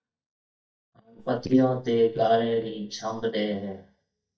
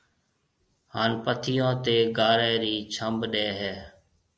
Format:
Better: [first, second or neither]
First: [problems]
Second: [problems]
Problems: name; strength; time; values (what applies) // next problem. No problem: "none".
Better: second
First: noise reduction (neural mask model DeepFilterNet 3)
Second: none